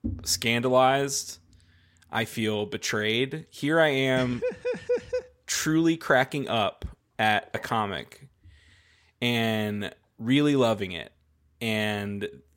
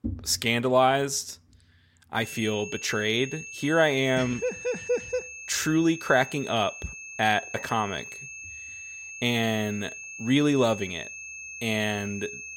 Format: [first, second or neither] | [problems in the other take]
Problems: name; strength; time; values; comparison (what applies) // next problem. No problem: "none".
first | high-pitched whine; noticeable; from 2 s on; 2.5 kHz, 10 dB below the speech